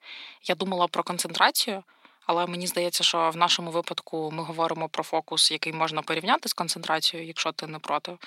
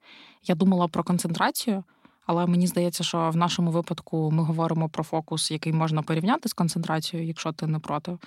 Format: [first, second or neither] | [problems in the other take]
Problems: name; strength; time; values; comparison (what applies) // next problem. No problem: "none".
second | thin; very; fading below 450 Hz